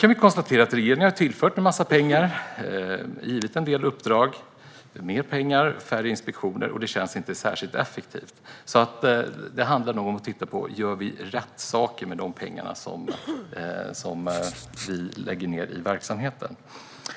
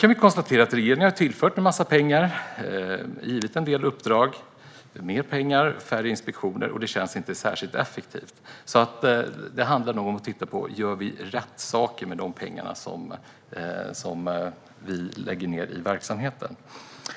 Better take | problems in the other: second | background sound (Cough + Writing); 12 dB below the speech

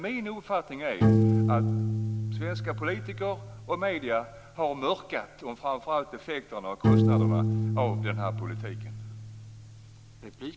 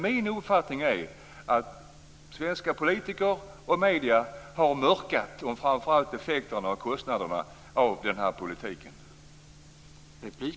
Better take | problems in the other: second | background sound (Piano); 5 dB above the speech

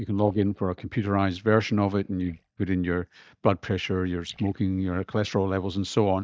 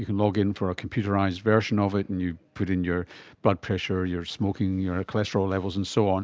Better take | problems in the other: second | noise reduction (neural mask model DeepFilterNet 3)

